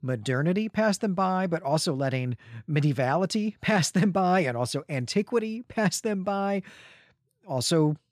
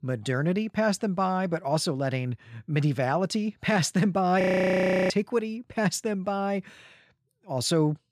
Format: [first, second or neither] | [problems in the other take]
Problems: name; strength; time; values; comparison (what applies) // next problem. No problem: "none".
first | audio freezing; at 4.5 s for 0.5 s